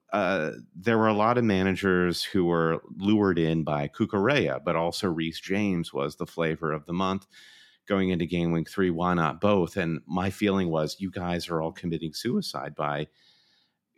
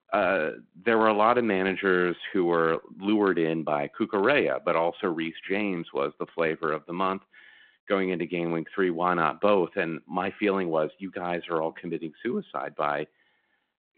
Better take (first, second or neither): first